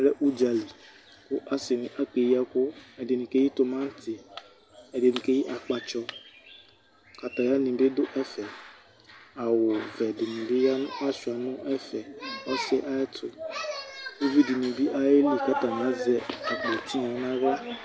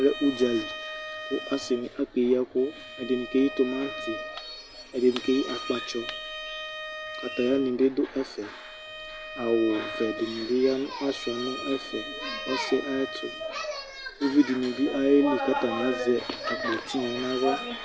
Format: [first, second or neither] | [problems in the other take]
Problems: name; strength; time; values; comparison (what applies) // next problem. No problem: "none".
first | background sound (Bowed string instrument); 11 dB below the speech